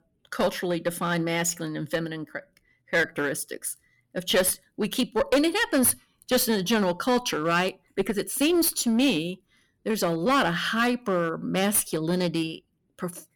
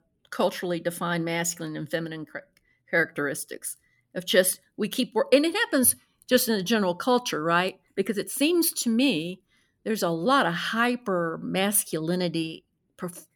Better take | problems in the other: second | distortion; slight; 5% of the sound clipped

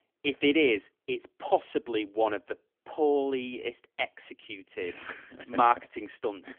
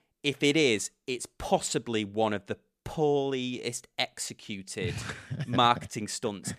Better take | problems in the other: second | phone-call audio; poor line; nothing above 3.5 kHz

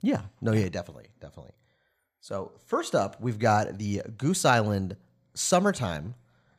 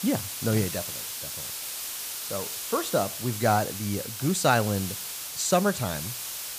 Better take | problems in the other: first | hiss; loud; throughout; 5 dB below the speech

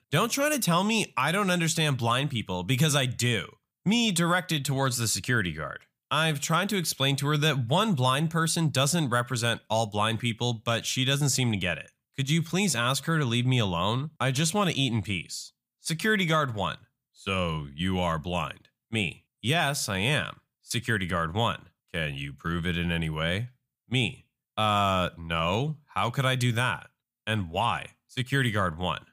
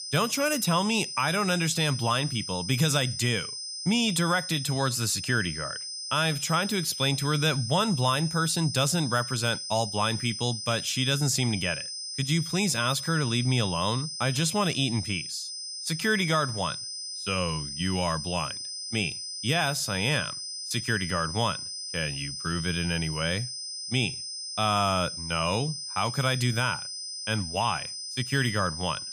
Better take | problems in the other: first | high-pitched whine; loud; throughout; 5 kHz, 6 dB below the speech

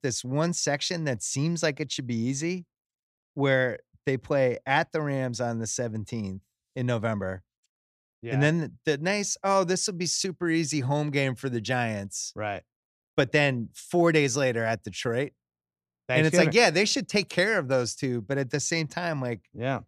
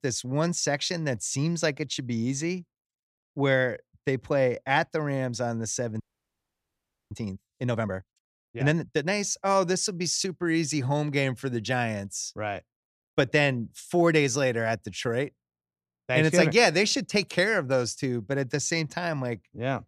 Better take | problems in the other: first | audio freezing; at 6 s for 1 s

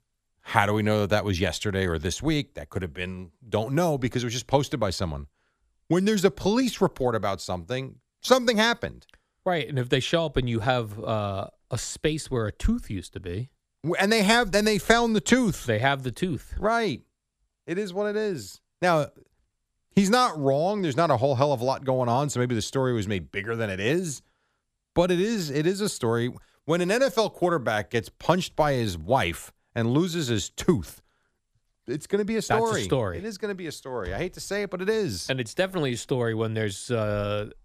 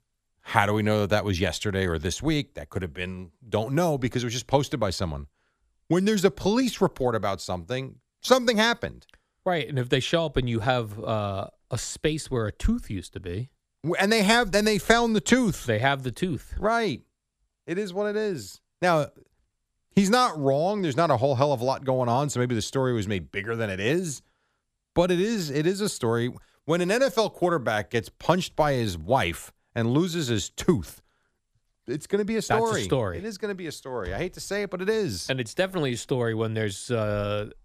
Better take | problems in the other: neither | none

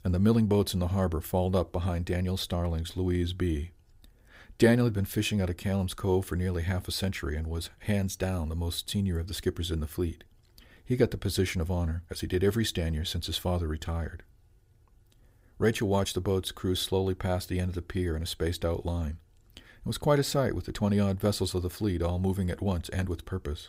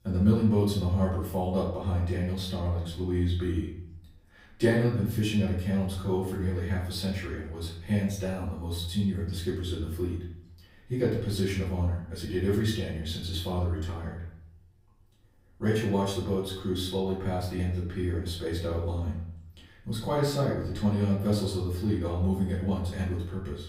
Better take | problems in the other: first | off-mic speech; far // room echo; noticeable; dies away in 0.6 s

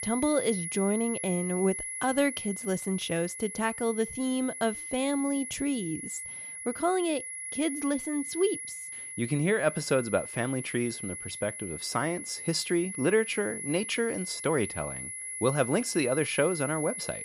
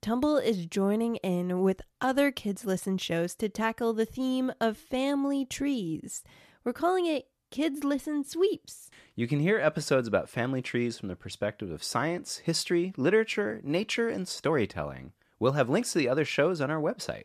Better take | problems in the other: second | high-pitched whine; loud; throughout; 10.5 kHz, 6 dB below the speech

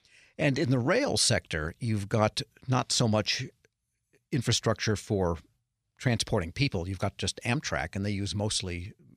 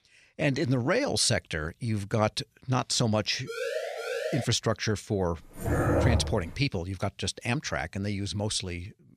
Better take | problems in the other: first | siren; noticeable; at 3.5 s; peak 4 dB below the speech // dog barking; loud; at 5.5 s; peak 4 dB above the speech

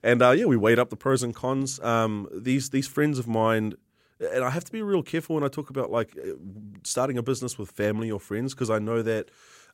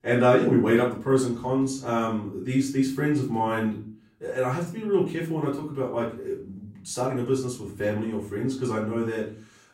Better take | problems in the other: first | off-mic speech; far // room echo; slight; dies away in 0.4 s

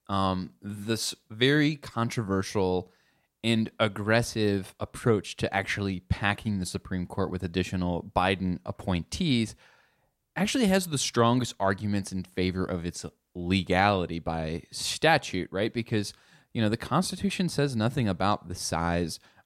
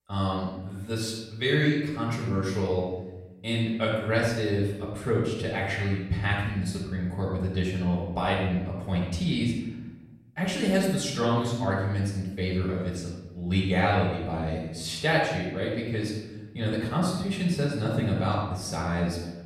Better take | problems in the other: first | off-mic speech; far // room echo; noticeable; dies away in 1 s

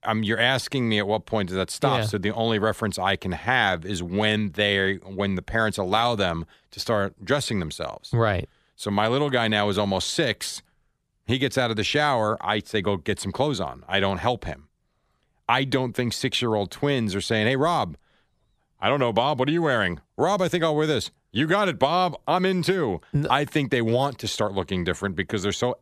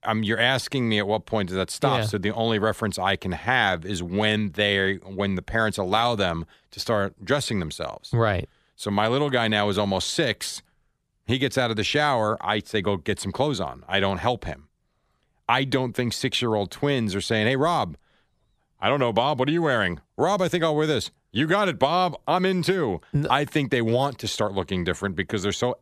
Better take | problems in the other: neither | none

